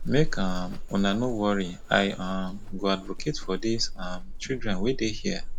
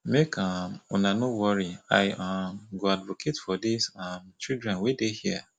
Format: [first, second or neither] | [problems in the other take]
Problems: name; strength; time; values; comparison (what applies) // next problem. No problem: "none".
second | background sound (Livestock, farm animals, working animals); 3 dB below the speech